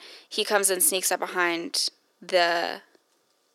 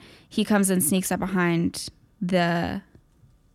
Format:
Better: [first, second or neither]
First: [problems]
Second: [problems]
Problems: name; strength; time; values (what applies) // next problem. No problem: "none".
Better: second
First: thin; very; fading below 400 Hz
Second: none